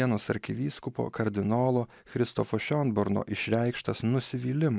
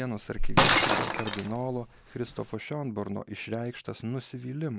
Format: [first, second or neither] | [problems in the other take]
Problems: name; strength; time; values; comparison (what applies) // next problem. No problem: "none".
first | background sound (Shatter); 4 dB above the speech